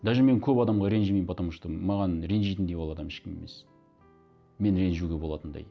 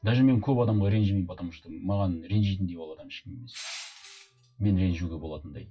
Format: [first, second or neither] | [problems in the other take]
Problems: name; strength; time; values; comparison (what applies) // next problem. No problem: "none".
first | noise reduction (classical method WPE with log-MMSE)